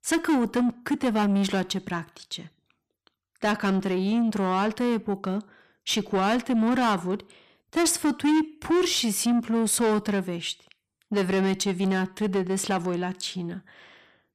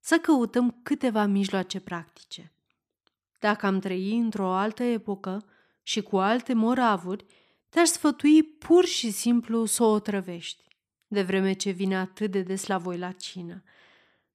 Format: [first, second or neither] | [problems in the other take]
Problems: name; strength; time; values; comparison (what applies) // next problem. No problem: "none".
second | distortion; heavy; 8 dB below the speech